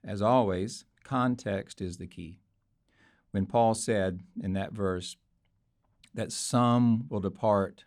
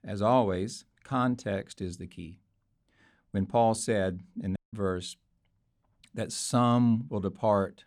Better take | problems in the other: first | audio cutting out; at 4.5 s

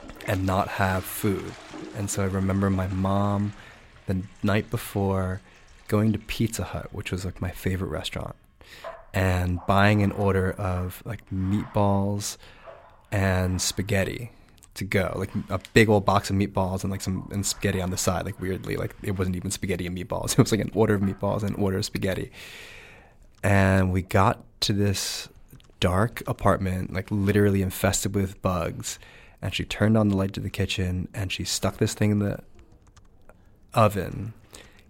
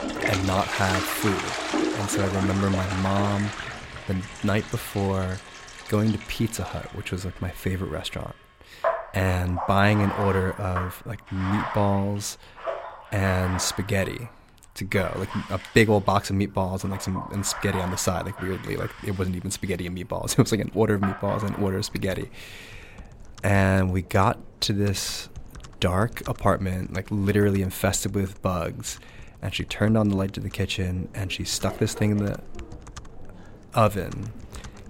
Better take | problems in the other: first | household noises; loud; throughout; 8 dB below the speech; faint in the first

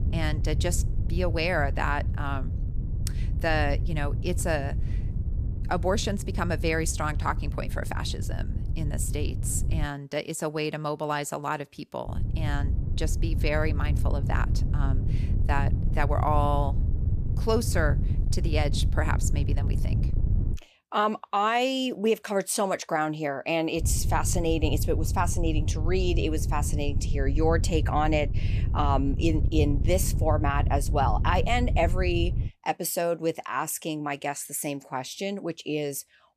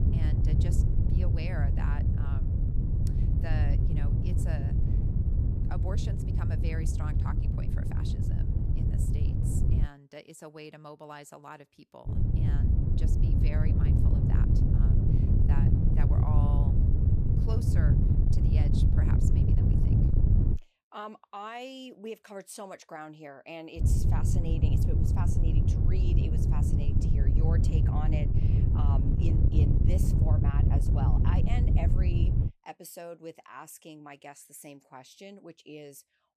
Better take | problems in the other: first | wind noise on the microphone; heavy; until 10 s, from 12 to 21 s and from 24 to 32 s; 3 dB above the speech; occasional gusts in the first

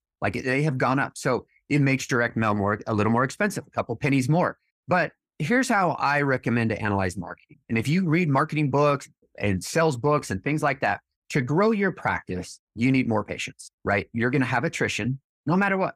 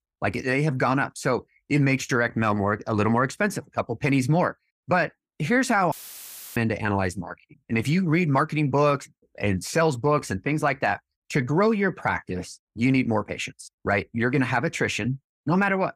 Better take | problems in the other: first | audio cutting out; filled with static; at 6 s for 0.5 s

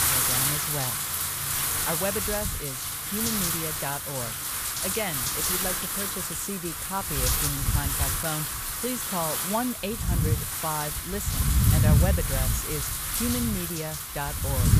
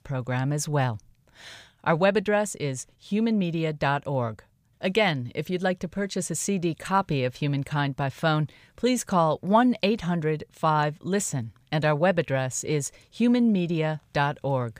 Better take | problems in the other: second | wind noise on the microphone; heavy; 4 dB above the speech

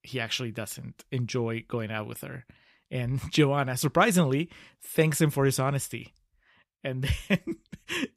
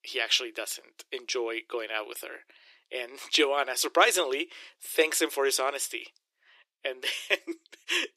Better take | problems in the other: first | thin; very; fading below 350 Hz

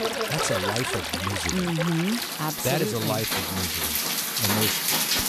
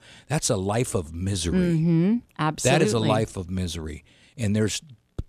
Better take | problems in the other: second | rain or running water; very loud; throughout; 4 dB above the speech

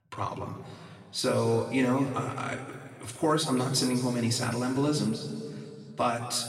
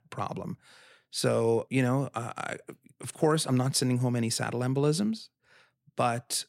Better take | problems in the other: second | room echo; noticeable; dies away in 2 s // off-mic speech; far

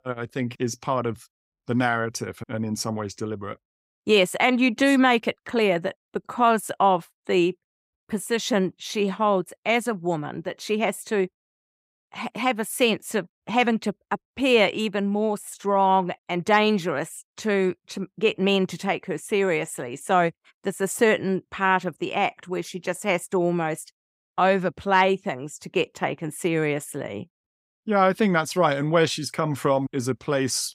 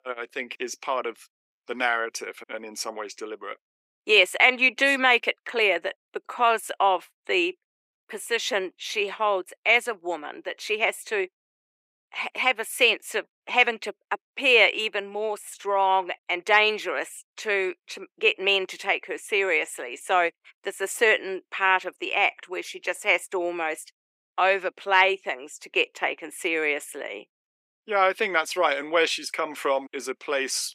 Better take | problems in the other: first | thin; very; fading below 350 Hz

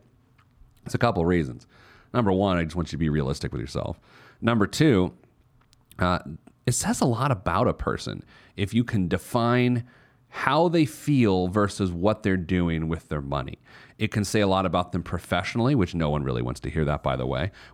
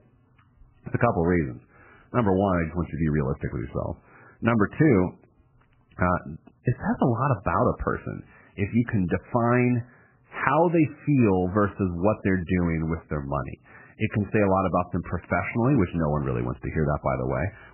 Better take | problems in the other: first | garbled, watery; badly; nothing above 2.5 kHz

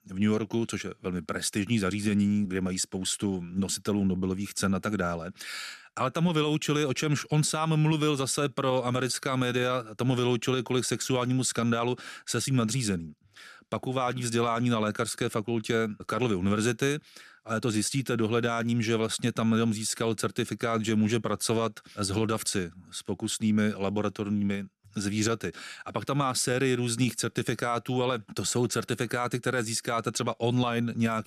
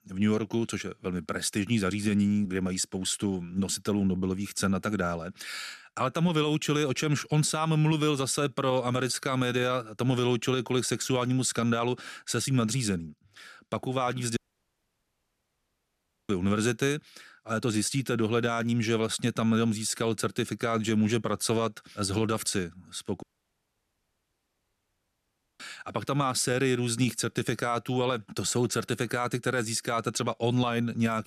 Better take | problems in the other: first | audio cutting out; at 14 s for 2 s and at 23 s for 2.5 s

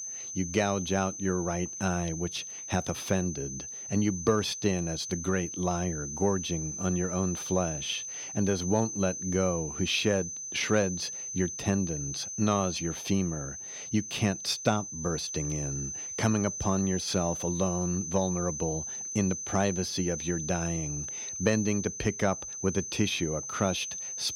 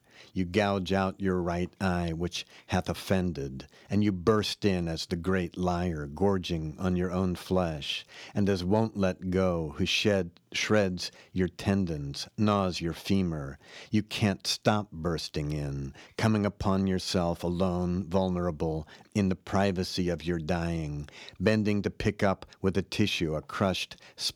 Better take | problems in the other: second | high-pitched whine; loud; throughout; 6 kHz, 5 dB below the speech

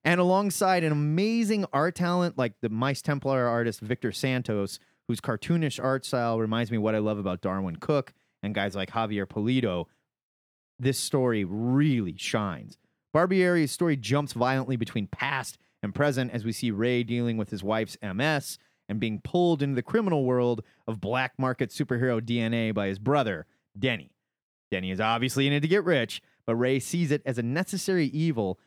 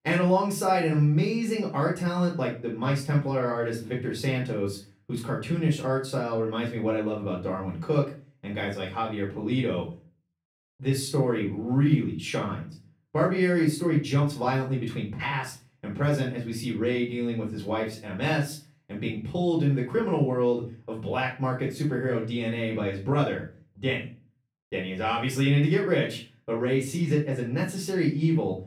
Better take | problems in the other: first | off-mic speech; far // room echo; slight; dies away in 0.3 s

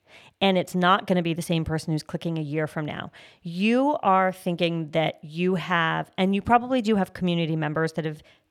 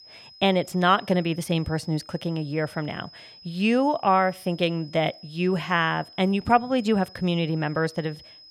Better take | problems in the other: first | high-pitched whine; faint; throughout; 5 kHz, 20 dB below the speech

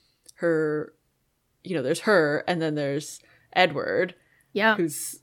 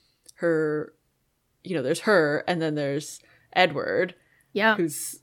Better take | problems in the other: neither | none

